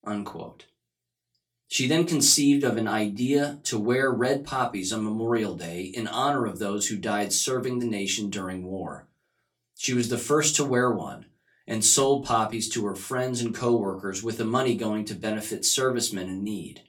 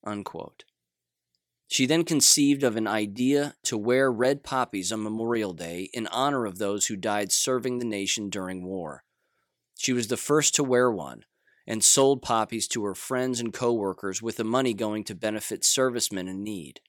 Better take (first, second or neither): second